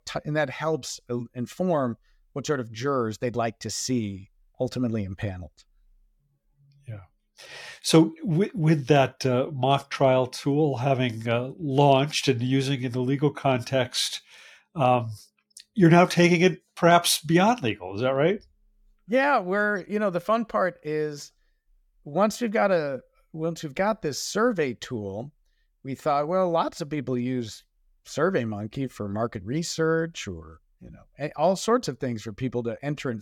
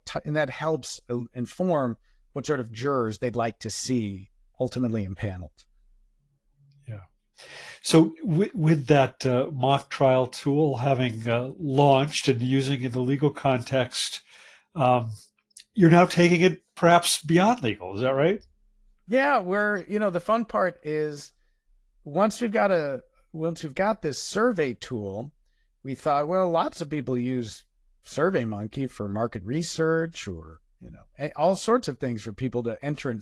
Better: first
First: none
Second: garbled, watery; slightly; nothing above 15.5 kHz

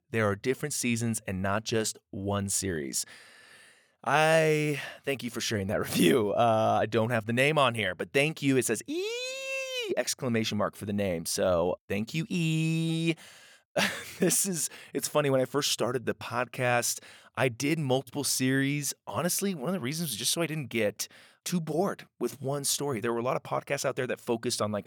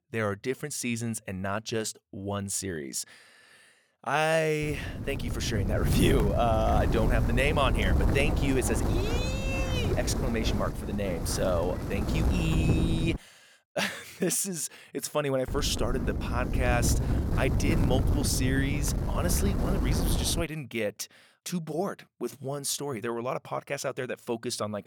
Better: first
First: none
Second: wind noise on the microphone; heavy; from 4.5 to 13 s and from 15 to 20 s; 6 dB below the speech

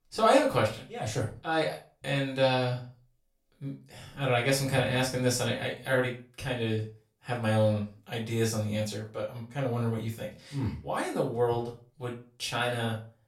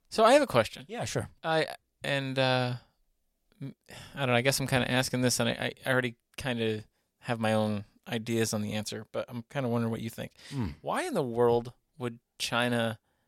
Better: second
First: off-mic speech; far // room echo; slight; dies away in 0.3 s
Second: none

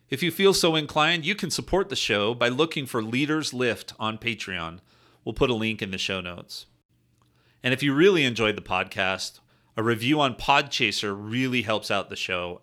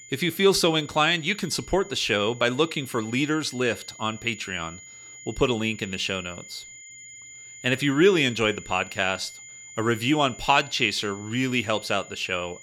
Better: first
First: none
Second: high-pitched whine; noticeable; throughout; 7 kHz, 20 dB below the speech

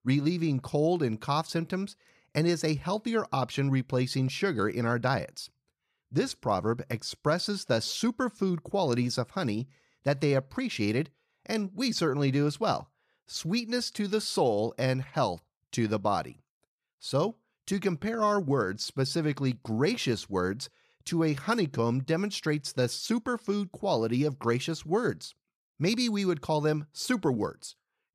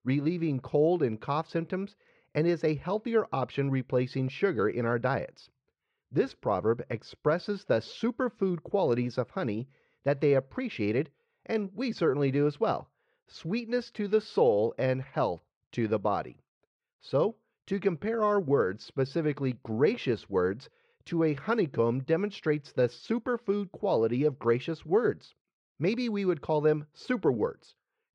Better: first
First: none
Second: muffled; slightly; fading above 2.5 kHz

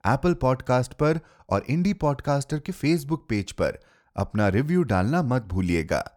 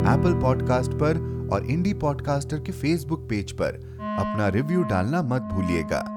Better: first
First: none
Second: background music; loud; throughout; 5 dB below the speech

